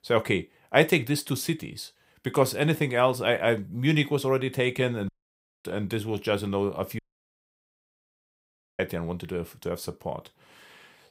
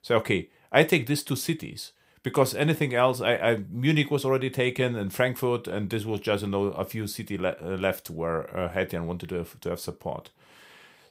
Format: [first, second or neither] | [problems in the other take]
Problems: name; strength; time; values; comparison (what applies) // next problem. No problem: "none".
second | audio cutting out; at 5 s for 0.5 s and at 7 s for 2 s